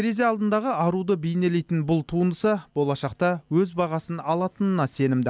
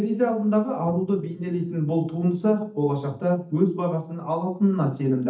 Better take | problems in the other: first | noise reduction (neural mask model DeepFilterNet 3)

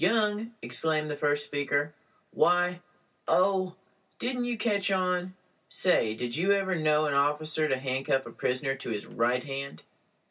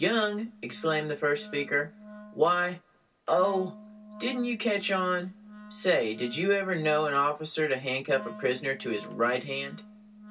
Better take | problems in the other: first | background sound (Wind instrument, woodwind instrument); 18 dB below the speech

